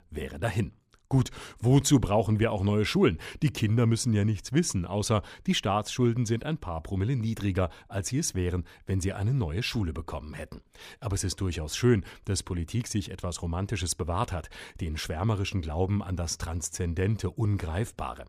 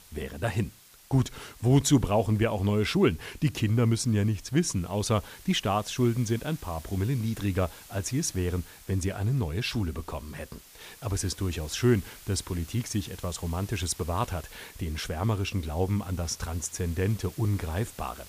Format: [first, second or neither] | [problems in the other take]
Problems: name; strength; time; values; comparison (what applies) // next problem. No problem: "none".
first | hiss; noticeable; throughout; 20 dB below the speech